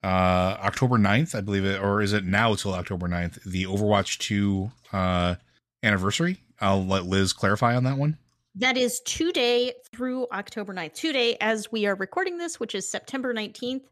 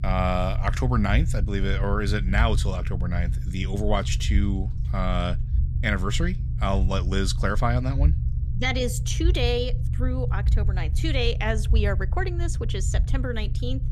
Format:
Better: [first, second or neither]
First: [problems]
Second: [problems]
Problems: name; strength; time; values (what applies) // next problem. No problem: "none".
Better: first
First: none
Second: low rumble; noticeable; throughout; 15 dB below the speech